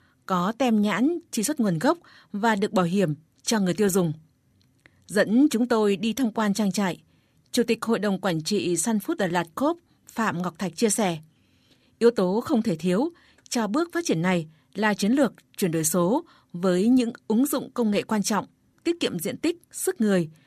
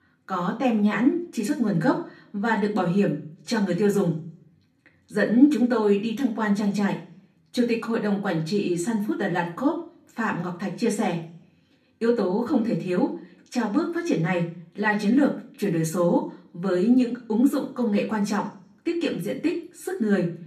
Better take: first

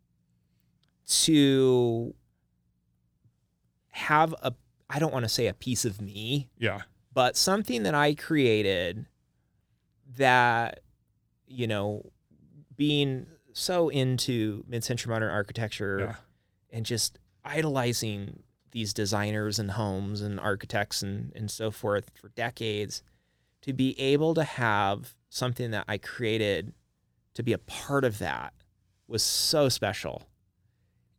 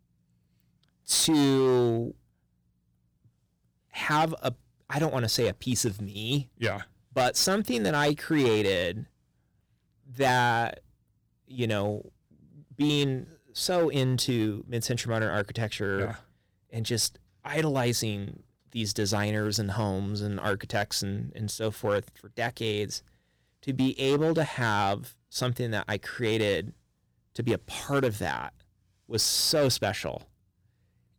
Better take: first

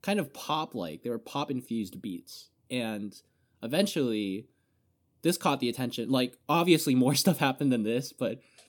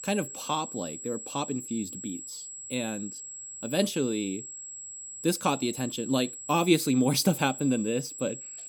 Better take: first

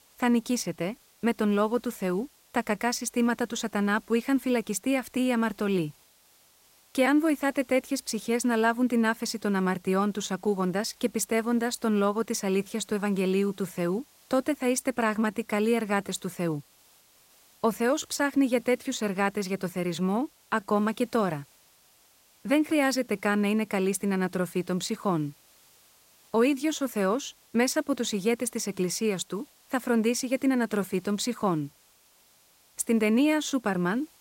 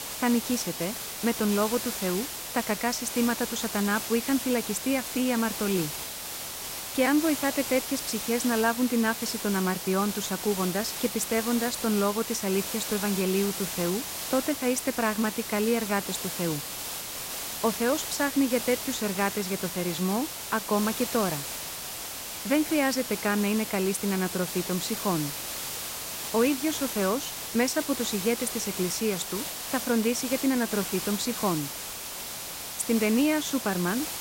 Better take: first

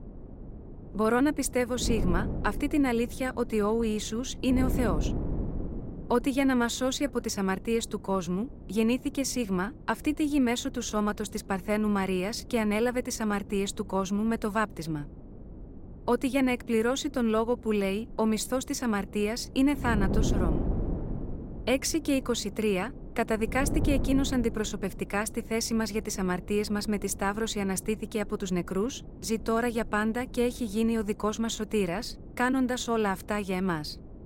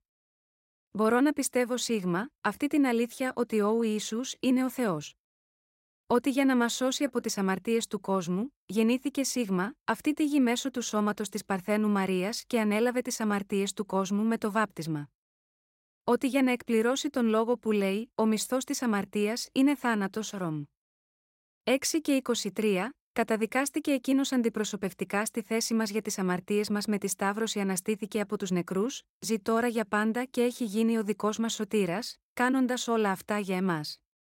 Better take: second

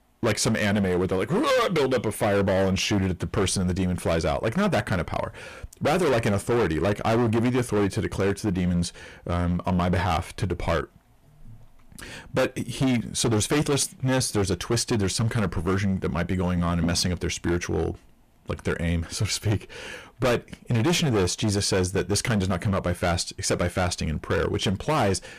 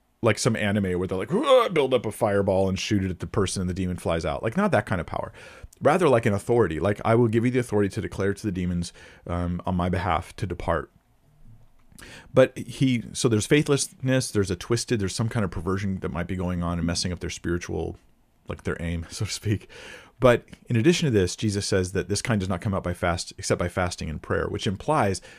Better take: second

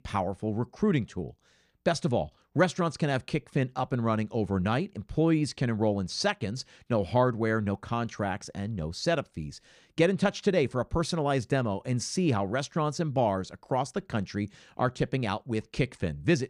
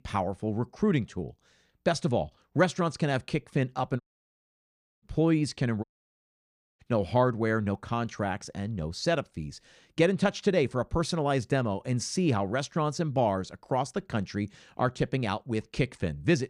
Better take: first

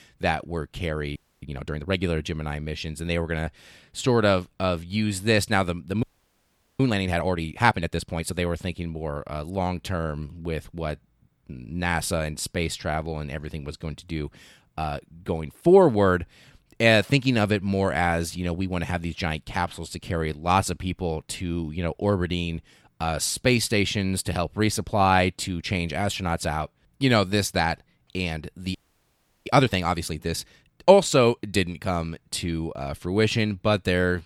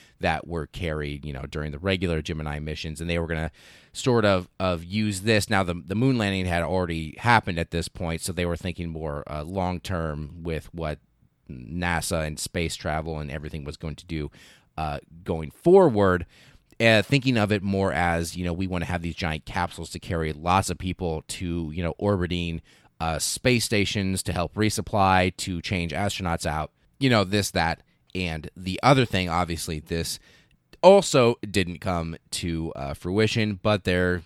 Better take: second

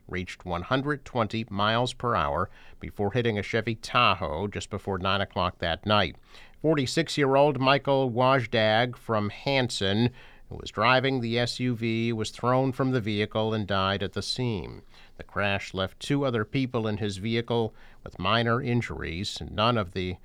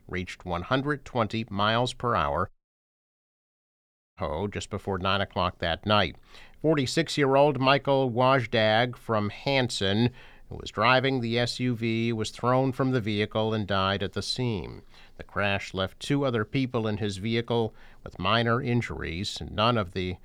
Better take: first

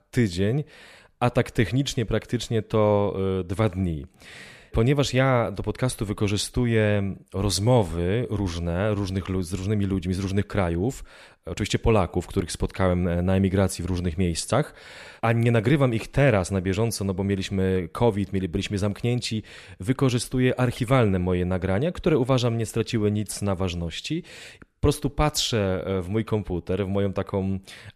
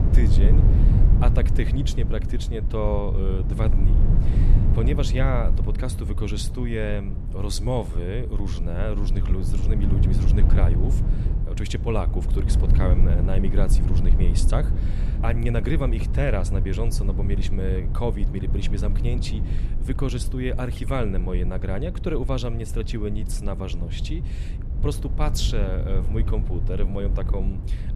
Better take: first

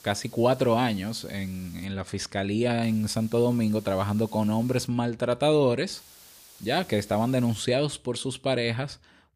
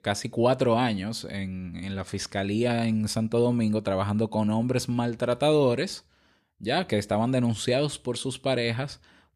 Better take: second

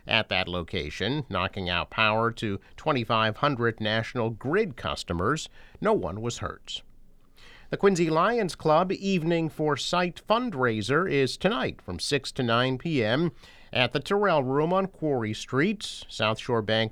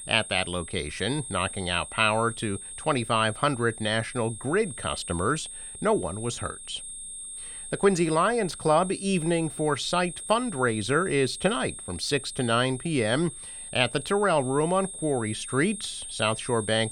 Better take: first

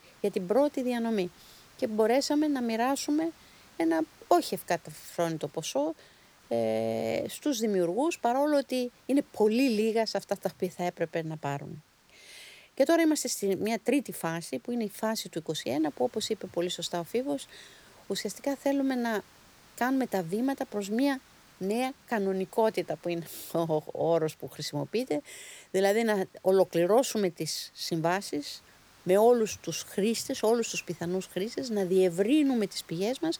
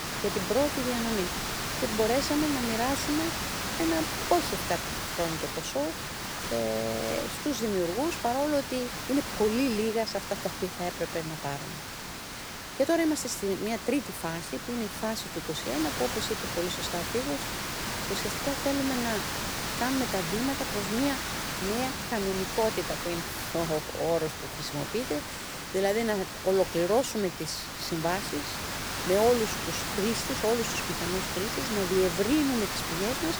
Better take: first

